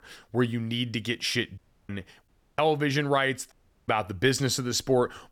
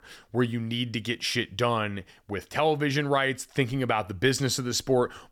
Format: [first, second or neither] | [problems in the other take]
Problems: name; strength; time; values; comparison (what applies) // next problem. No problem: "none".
second | audio cutting out; at 1.5 s, at 2.5 s and at 3.5 s